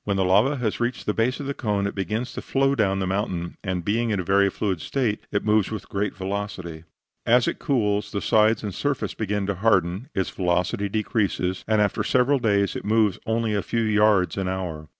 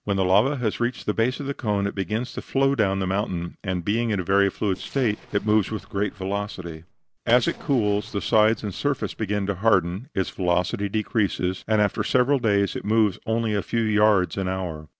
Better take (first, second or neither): first